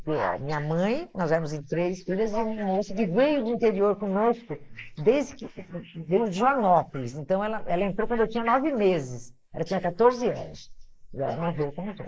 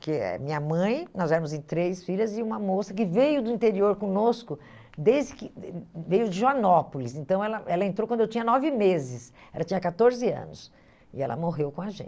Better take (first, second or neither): second